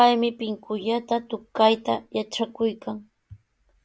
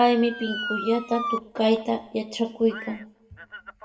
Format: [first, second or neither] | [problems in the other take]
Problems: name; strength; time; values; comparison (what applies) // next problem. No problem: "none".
first | background sound (Motor vehicle (road) / Siren); 10 dB below the speech // room echo; dies away in 0.7 s